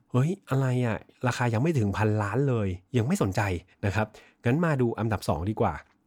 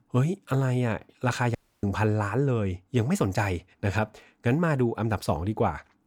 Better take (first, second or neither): first